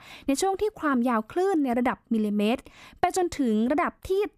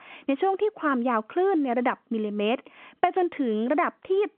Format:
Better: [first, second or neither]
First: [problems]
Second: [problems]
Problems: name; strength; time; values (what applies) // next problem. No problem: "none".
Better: first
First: none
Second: phone-call audio